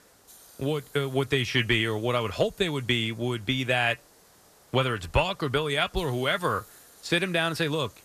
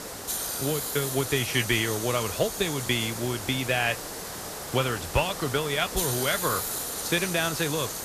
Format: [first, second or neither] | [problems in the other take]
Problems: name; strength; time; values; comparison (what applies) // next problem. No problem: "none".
first | hiss; loud; throughout; 4 dB below the speech; faint in the first